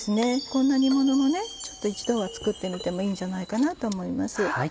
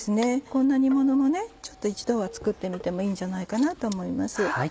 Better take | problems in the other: second | background sound (Chime); 17 dB below the speech

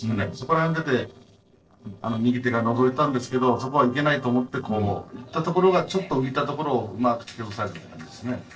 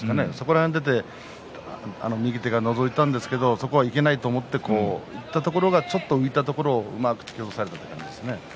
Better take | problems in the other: second | noise reduction (neural separator model SepFormer DNS4)

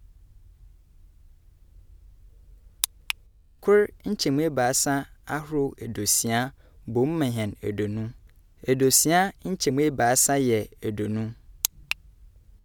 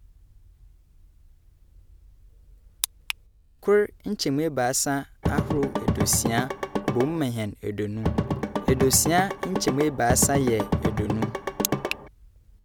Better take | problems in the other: first | background sound (Drum / Drum kit); as loud as the speech

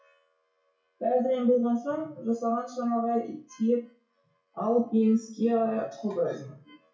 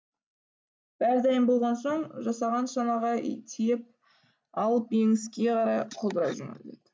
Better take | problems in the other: second | noise reduction (classical method WPE with log-MMSE)

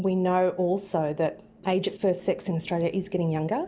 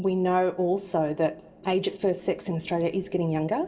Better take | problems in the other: first | room echo; dies away in 0.4 s

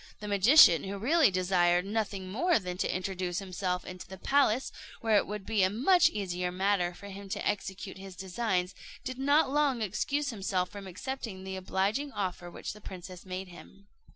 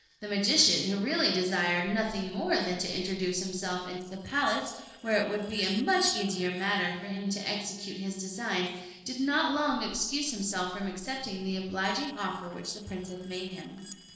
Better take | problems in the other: first | noise reduction (neural separator model SepFormer DNS4)

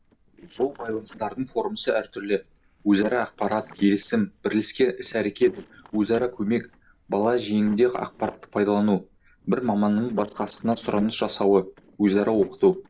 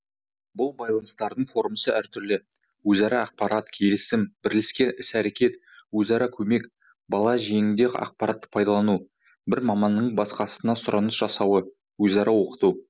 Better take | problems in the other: second | noise reduction (neural separator model SepFormer DNS4)

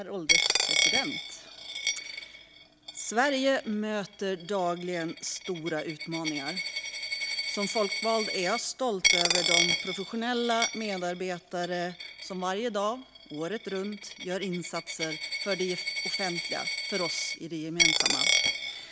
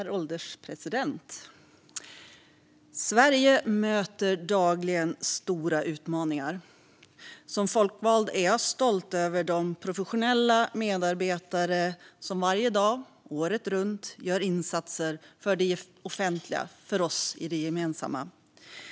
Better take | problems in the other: second | background sound (Coin (dropping)); 1 dB above the speech

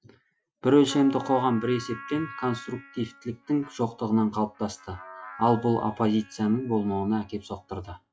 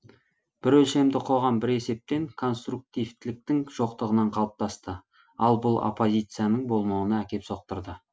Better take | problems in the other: second | noise reduction (classical method log-MMSE)

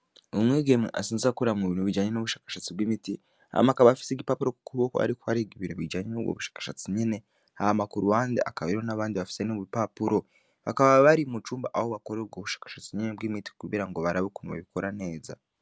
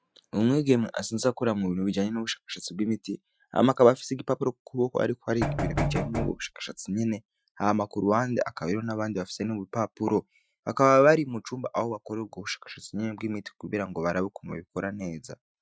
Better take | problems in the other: first | noise reduction (classical method Wiener filter)

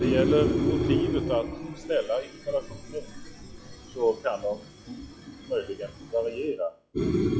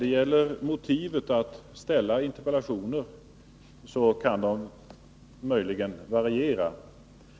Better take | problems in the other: second | noise reduction (classical method log-MMSE)

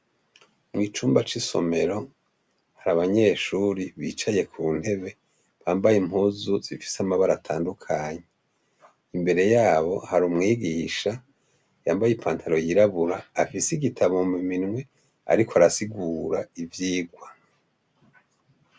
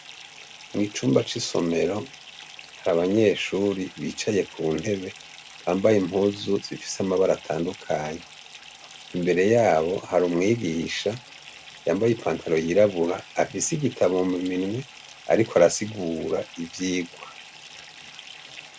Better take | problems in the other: first | background sound (Fill (with liquid) / Bathtub (filling or washing)); 19 dB below the speech

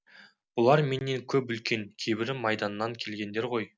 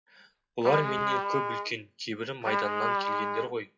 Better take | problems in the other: first | noise reduction (classical method WPE with log-MMSE)

